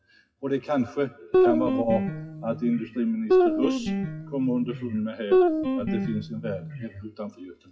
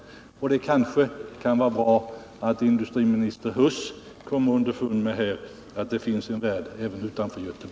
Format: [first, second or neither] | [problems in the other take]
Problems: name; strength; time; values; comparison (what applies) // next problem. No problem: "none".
second | noise reduction (classical method WPE with log-MMSE)